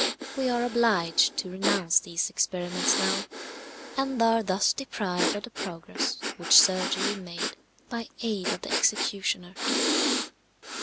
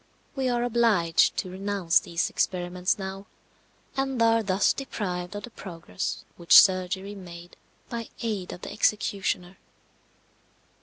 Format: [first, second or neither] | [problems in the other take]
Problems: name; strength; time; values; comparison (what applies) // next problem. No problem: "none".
second | background sound (Breathing); 4 dB below the speech